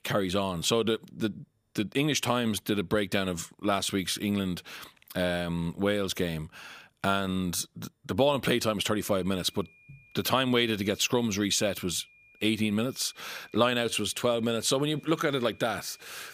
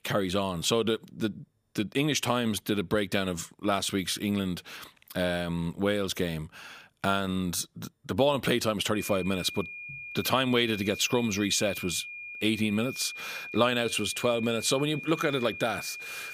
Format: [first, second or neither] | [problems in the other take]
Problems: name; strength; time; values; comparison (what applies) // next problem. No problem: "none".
first | high-pitched whine; loud; from 9 s on; 2.5 kHz, 10 dB below the speech; faint in the first